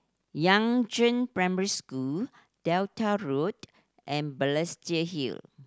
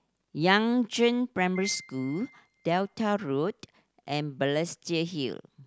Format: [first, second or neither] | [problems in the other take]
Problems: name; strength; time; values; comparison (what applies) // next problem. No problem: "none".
first | background sound (Piano); 18 dB below the speech